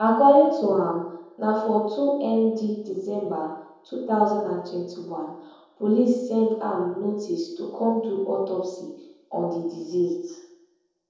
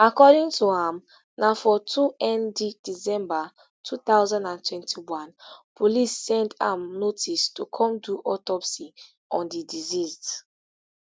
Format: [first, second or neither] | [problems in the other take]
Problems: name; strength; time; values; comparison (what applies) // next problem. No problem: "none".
second | room echo; dies away in 0.9 s